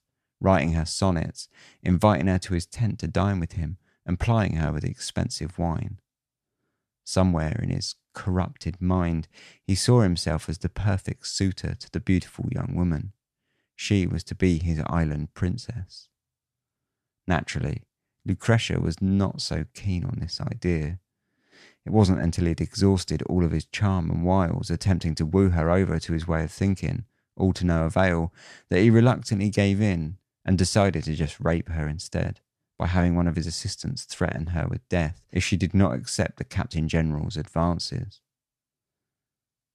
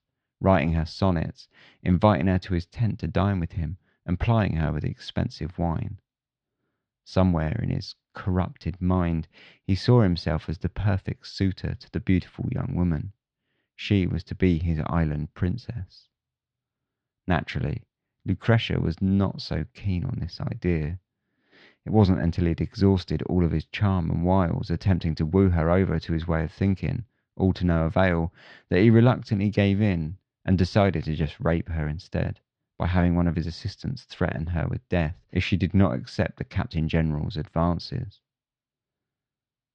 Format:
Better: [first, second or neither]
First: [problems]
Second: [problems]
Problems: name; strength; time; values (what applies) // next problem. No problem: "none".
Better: first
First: none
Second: muffled; very slightly; fading above 4 kHz